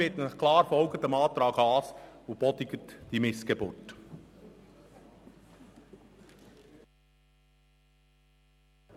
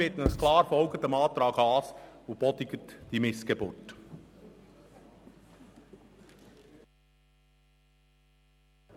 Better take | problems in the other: first | background sound (Writing); as loud as the speech

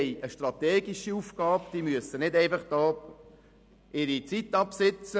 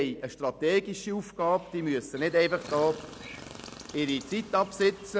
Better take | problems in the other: first | background sound (Chirp, tweet); 16 dB below the speech

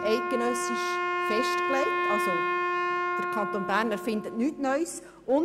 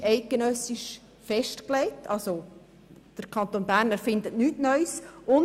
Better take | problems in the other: second | background sound (Wind instrument, woodwind instrument); 1 dB above the speech

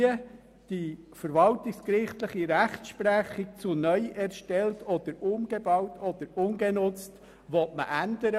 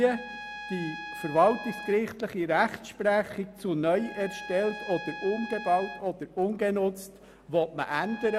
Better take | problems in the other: first | background sound (Trumpet); 14 dB below the speech

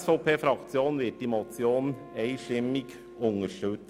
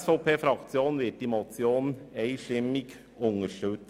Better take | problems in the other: second | background sound (Wind instrument, woodwind instrument); 19 dB below the speech

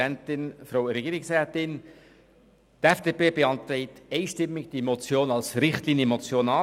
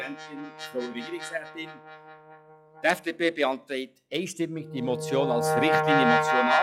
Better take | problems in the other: first | noise reduction (classical method log-MMSE)

